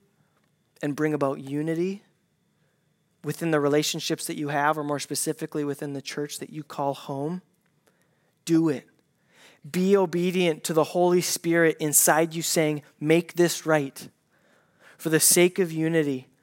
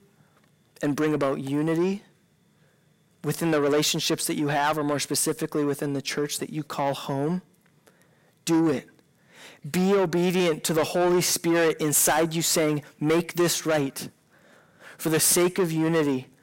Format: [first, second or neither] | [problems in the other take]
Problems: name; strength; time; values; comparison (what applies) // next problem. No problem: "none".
first | distortion; heavy; 7 dB below the speech